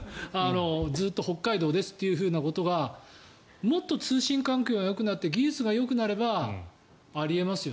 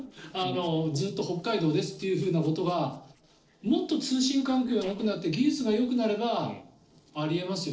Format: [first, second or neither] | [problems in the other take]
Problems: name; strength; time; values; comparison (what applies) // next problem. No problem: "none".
first | noise reduction (neural separator model SepFormer DNS4)